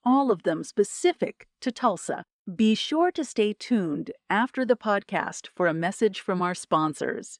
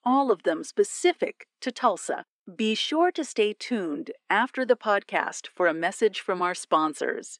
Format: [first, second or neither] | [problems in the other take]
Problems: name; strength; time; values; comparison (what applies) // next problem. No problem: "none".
first | thin; very slightly; fading below 300 Hz